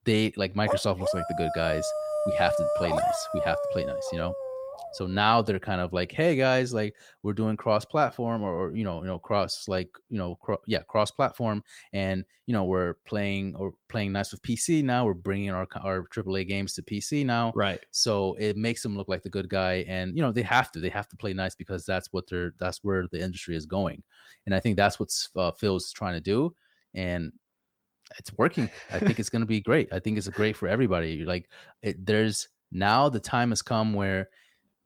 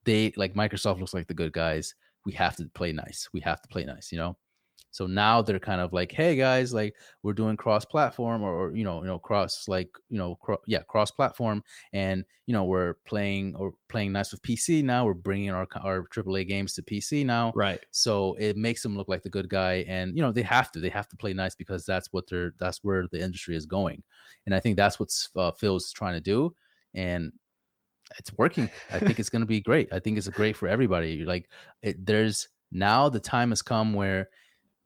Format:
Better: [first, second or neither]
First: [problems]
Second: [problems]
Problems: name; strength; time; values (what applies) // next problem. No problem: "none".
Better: second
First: dog barking; loud; from 0.5 to 5 s; peak 2 dB above the speech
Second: none